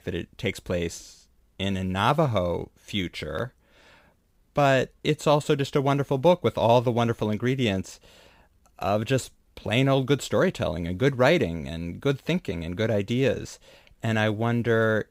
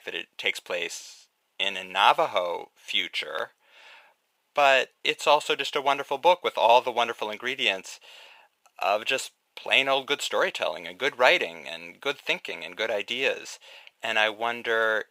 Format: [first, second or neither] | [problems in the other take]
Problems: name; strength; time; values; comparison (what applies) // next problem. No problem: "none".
first | thin; very; fading below 700 Hz